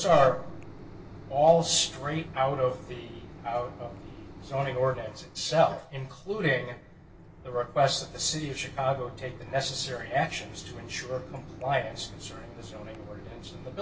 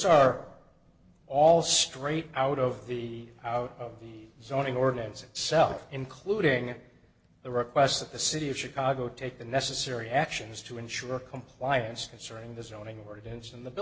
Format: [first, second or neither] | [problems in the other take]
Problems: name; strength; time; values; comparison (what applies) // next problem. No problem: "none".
second | background sound (Mechanisms); 16 dB below the speech // room echo; dies away in 0.2 s